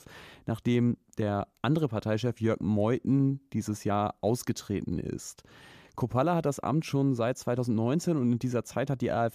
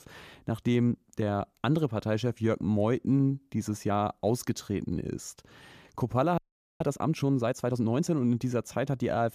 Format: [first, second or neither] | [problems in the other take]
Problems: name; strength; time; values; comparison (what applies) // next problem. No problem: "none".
first | audio freezing; at 6.5 s